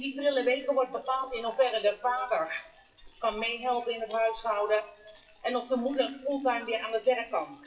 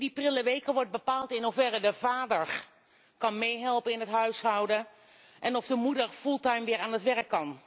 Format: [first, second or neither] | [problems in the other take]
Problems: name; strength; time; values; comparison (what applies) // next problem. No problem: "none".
second | noise reduction (classical method WPE with log-MMSE)